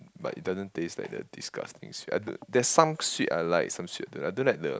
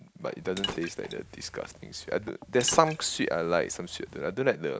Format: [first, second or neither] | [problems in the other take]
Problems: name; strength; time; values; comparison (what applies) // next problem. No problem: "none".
first | background sound (Liquid); 11 dB below the speech